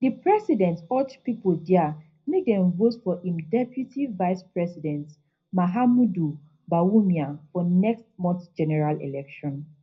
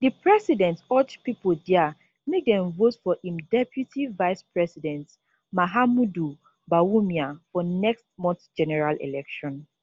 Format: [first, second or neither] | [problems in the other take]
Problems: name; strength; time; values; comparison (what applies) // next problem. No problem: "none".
second | room echo; dies away in 0.4 s